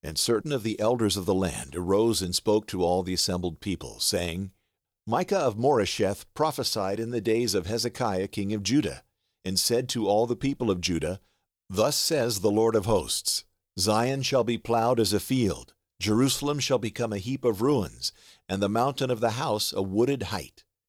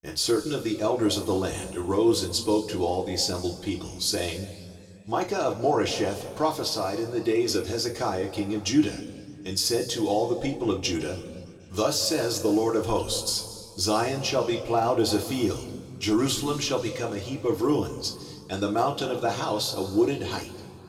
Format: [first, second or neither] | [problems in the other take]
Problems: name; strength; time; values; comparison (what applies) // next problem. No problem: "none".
first | room echo; slight; dies away in 1.7 s // off-mic speech; somewhat distant